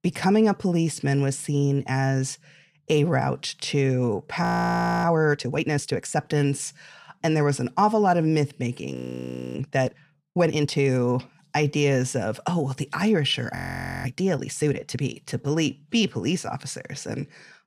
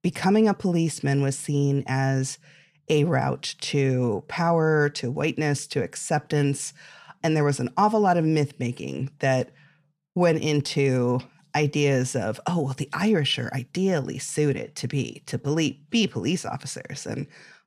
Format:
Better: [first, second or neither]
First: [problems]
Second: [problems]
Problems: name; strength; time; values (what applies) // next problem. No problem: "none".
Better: second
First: audio freezing; at 4.5 s for 0.5 s, at 9 s for 0.5 s and at 14 s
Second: none